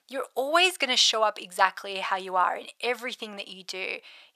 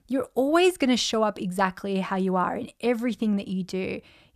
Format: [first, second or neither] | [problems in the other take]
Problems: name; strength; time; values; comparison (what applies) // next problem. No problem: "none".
second | thin; very; fading below 800 Hz